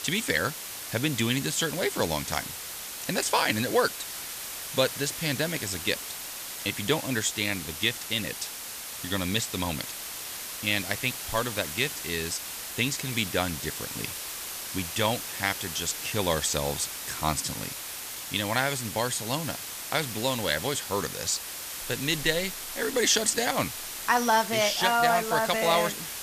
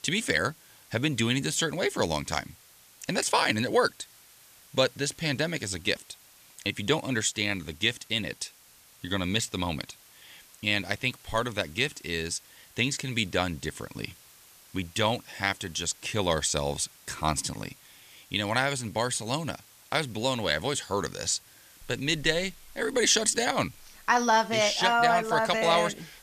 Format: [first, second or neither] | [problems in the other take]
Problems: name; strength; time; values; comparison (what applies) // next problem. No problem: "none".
second | hiss; loud; throughout; 6 dB below the speech; faint in the second